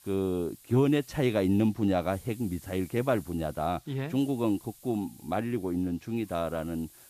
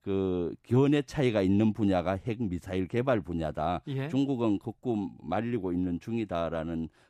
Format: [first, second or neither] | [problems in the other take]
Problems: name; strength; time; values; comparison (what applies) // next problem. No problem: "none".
second | hiss; faint; throughout; 20 dB below the speech